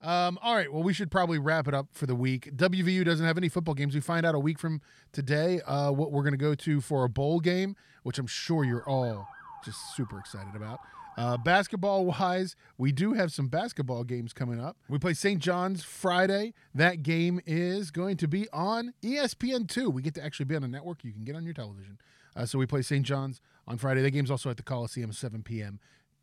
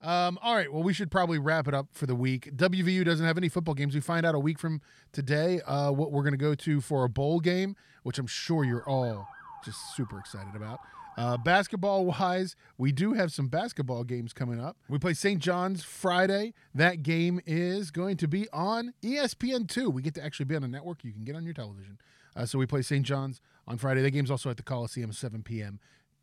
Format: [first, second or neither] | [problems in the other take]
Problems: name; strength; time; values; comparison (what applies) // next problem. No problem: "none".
neither | siren; faint; from 8.5 to 11 s; peak 15 dB below the speech; the same in both